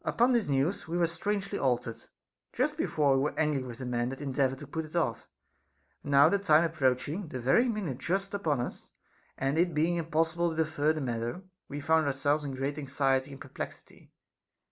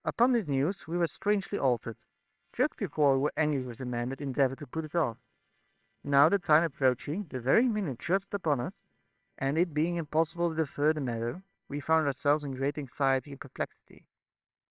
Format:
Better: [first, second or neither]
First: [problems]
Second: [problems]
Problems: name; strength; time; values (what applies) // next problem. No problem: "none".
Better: first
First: none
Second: noise reduction (neural separator model SepFormer WHAMR!)